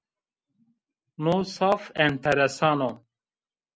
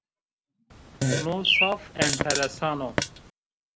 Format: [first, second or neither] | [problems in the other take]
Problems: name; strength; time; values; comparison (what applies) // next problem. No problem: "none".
first | background sound (Bird + Fart); 4 dB above the speech